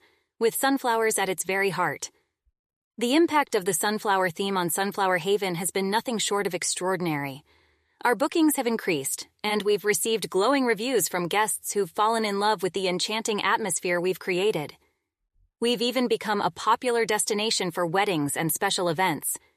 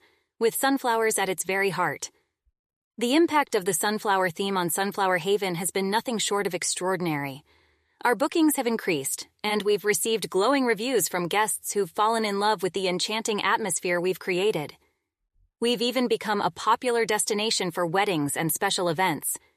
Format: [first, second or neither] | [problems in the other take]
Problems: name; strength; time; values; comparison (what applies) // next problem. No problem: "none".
neither | none